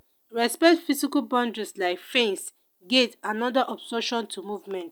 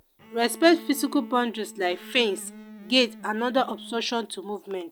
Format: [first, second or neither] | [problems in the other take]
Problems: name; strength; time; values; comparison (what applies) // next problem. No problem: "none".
first | background sound (Electric guitar + Bowed string instrument); 19 dB below the speech